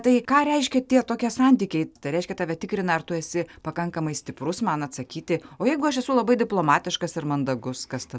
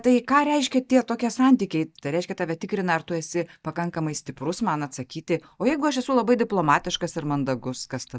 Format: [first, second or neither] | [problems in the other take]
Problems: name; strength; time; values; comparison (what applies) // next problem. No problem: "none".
first | noise reduction (neural mask model DeepFilterNet 3)